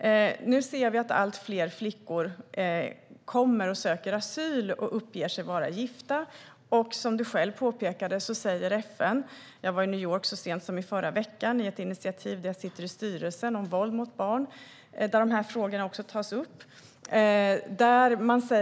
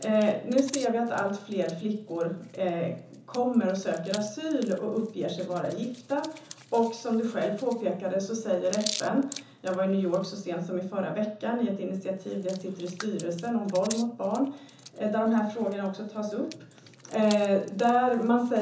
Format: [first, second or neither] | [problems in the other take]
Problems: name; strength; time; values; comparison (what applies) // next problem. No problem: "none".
first | background sound (Hands); 17 dB below the speech // room echo; dies away in 0.7 s